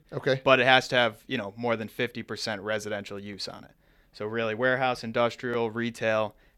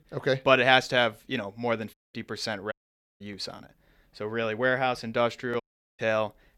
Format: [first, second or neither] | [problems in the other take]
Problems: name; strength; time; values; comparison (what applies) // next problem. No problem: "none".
first | audio cutting out; at 2 s, at 2.5 s and at 5.5 s